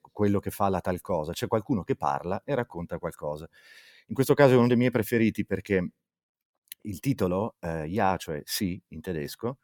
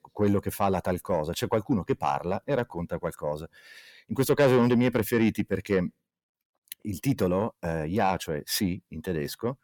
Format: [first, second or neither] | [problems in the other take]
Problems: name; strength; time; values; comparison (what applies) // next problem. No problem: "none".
first | distortion; slight; 10 dB below the speech